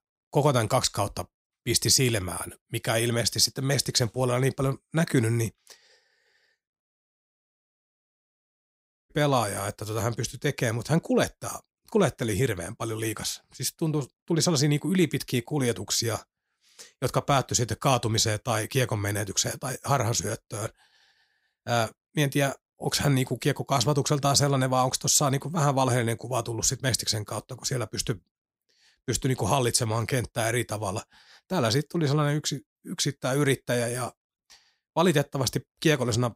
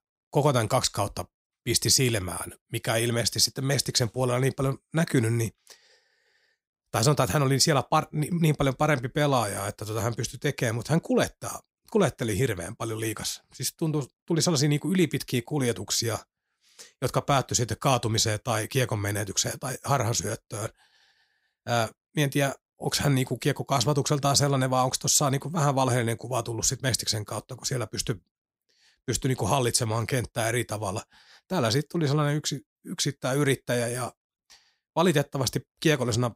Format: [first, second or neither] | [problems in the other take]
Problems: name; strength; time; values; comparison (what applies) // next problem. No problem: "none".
second | audio cutting out; at 7 s for 2.5 s